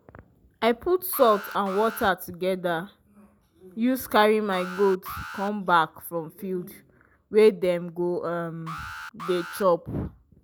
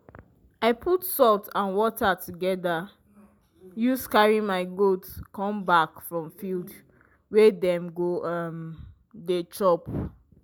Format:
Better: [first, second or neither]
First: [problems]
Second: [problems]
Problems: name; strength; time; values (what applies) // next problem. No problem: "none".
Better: second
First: background sound (Alarm); 14 dB below the speech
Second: none